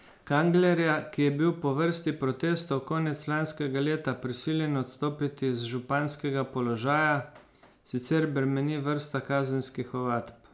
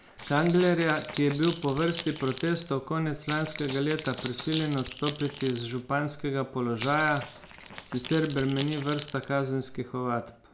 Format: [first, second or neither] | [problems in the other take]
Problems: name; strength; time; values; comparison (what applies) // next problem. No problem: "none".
first | noise reduction (neural mask model Resemble Enhance denoiser)